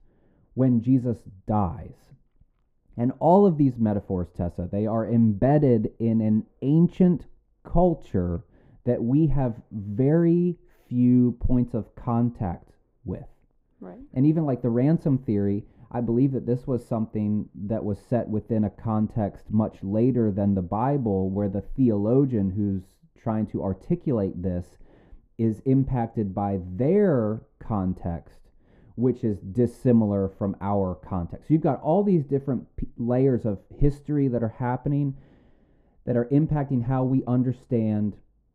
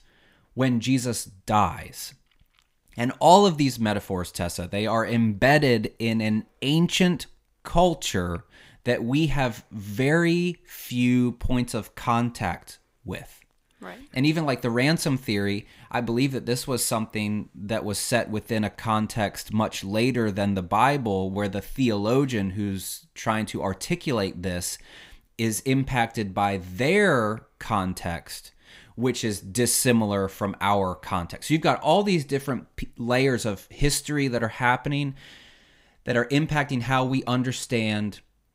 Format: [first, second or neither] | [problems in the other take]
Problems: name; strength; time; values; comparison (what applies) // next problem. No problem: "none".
second | muffled; very; fading above 1.5 kHz